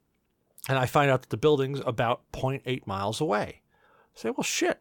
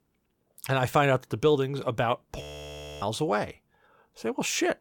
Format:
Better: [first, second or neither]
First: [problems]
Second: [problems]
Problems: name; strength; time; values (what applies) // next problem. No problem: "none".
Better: first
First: none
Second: audio freezing; at 2.5 s for 0.5 s